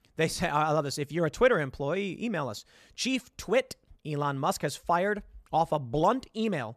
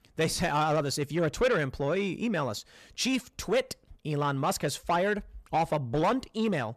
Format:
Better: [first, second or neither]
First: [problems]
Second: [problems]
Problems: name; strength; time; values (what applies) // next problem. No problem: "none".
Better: first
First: none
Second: distortion; slight; 10 dB below the speech